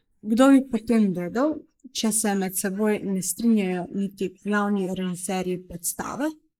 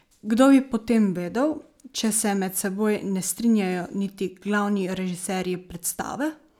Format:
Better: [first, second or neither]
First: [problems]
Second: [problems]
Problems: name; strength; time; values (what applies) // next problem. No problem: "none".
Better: second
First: noise reduction (neural mask model Resemble Enhance denoiser)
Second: none